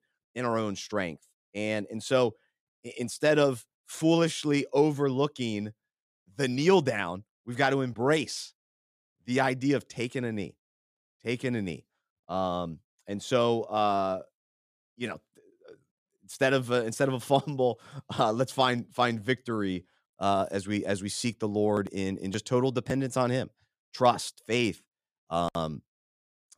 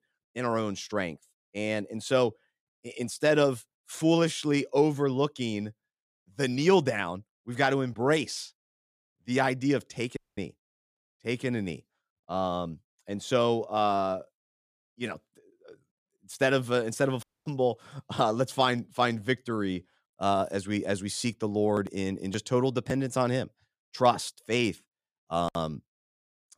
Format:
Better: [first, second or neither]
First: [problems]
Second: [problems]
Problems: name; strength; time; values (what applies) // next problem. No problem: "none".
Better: first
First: none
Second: audio cutting out; at 10 s and at 17 s